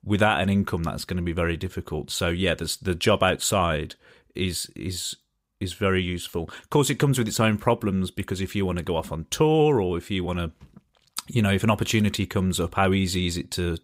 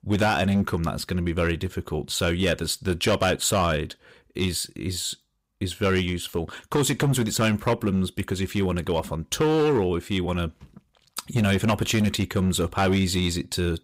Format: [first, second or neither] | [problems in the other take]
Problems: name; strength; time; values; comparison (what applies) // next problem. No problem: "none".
first | distortion; slight; 6% of the sound clipped